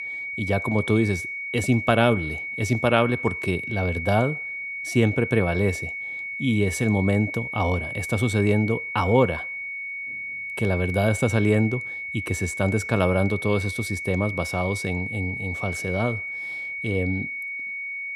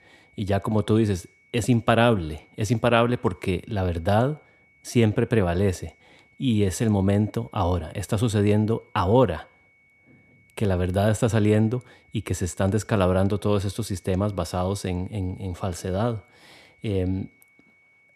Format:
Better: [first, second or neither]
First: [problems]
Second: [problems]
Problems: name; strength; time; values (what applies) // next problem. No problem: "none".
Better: second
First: high-pitched whine; loud; throughout; 2 kHz, 6 dB below the speech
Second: high-pitched whine; faint; throughout; 2 kHz, 35 dB below the speech